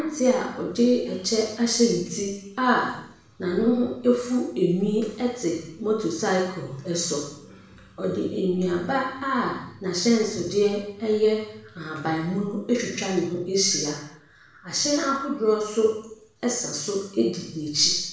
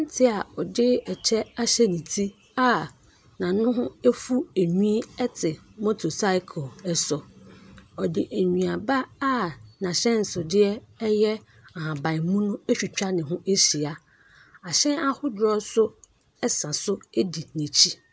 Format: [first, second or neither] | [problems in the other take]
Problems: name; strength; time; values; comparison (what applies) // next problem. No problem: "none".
second | room echo; dies away in 0.7 s